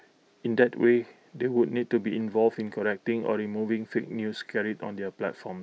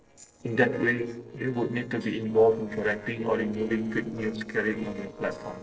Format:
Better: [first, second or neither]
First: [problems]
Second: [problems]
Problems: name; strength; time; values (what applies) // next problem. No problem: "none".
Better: first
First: none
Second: noise reduction (neural separator model SepFormer DNS4)